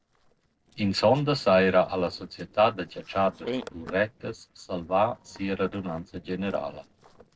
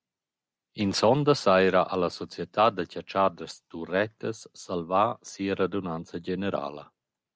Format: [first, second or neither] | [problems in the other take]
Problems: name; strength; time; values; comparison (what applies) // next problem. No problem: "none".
second | noise reduction (neural separator model SepFormer DNS4)